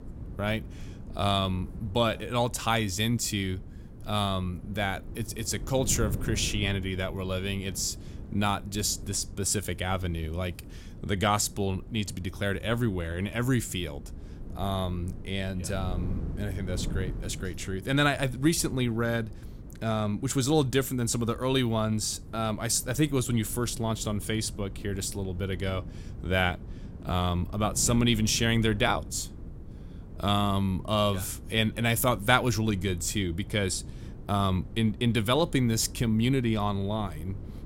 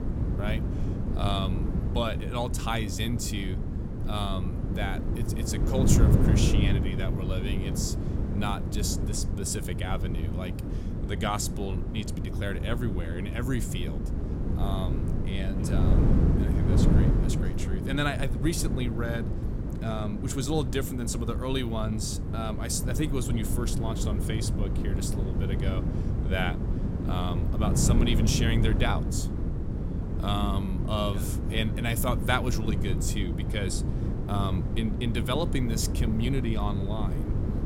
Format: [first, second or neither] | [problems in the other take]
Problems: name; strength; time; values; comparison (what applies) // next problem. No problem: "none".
first | wind noise on the microphone; heavy; 5 dB below the speech; occasional gusts in the first